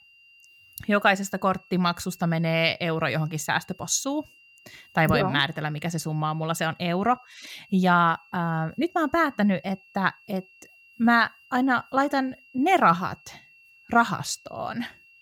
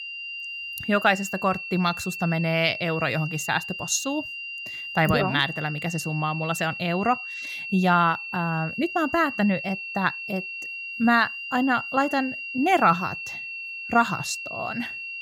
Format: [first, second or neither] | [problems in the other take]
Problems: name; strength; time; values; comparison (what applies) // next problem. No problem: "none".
first | high-pitched whine; loud; throughout; 2.5 kHz, 7 dB below the speech; faint in the first